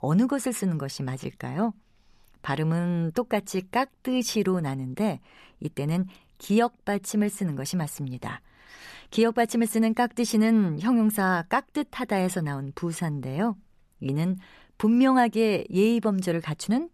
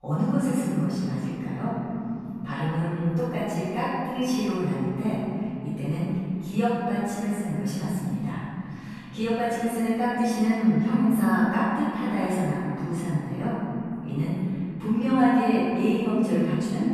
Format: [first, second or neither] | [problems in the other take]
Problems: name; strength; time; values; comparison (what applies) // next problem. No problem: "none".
first | room echo; strong; dies away in 3 s // off-mic speech; far